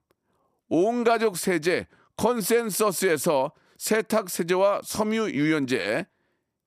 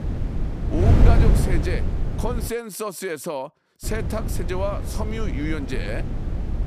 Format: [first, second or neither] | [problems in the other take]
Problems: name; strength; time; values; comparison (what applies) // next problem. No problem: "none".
first | wind noise on the microphone; heavy; until 2.5 s and from 4 s on; 4 dB below the speech